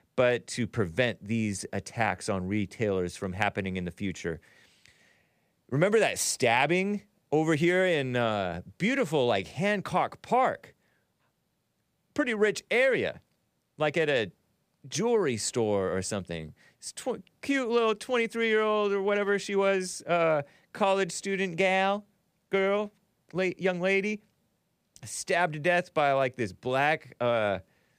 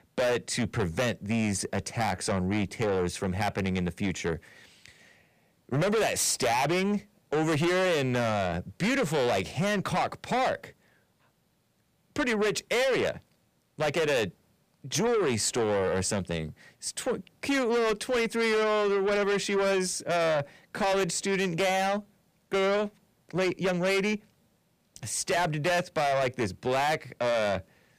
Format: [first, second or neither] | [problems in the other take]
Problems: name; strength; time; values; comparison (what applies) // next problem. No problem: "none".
first | distortion; heavy; 7 dB below the speech